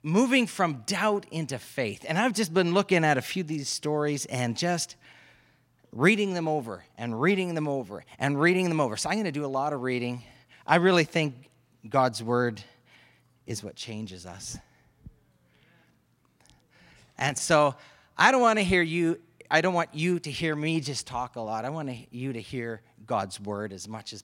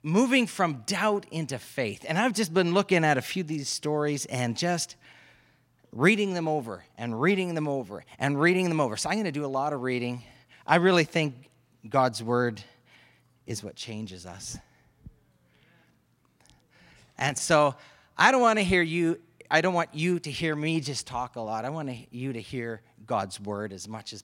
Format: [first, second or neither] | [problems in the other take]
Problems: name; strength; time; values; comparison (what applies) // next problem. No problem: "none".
neither | none